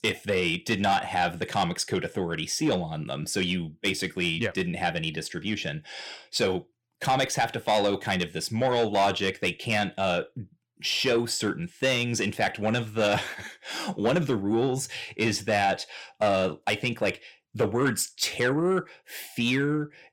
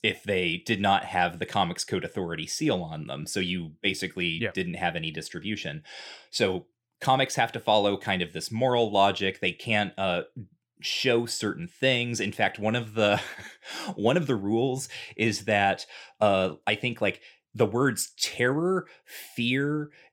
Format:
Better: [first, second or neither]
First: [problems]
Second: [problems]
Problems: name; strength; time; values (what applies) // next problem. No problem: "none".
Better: second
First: distortion; slight; 10 dB below the speech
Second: none